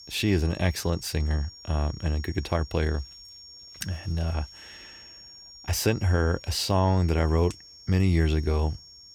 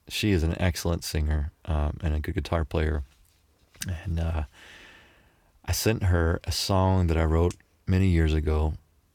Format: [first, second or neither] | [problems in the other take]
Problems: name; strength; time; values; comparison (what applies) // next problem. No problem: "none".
second | high-pitched whine; noticeable; throughout; 5.5 kHz, 20 dB below the speech